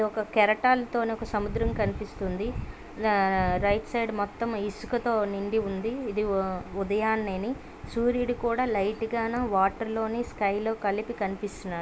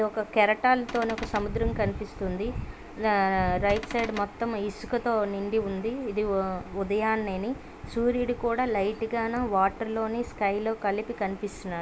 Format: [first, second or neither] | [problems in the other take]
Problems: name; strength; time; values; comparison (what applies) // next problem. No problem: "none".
first | background sound (Cupboard open or close / Door); 10 dB below the speech